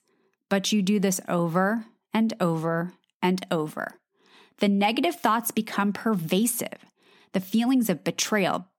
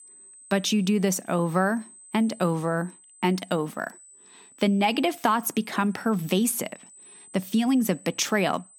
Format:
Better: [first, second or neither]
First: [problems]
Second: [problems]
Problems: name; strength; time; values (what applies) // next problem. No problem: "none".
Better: first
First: none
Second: high-pitched whine; faint; throughout; 8 kHz, 25 dB below the speech